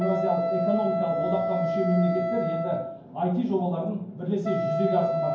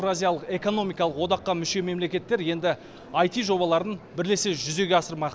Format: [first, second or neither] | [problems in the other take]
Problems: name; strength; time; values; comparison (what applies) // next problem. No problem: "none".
second | background sound (Wind instrument, woodwind instrument); 1 dB below the speech // room echo; dies away in 0.9 s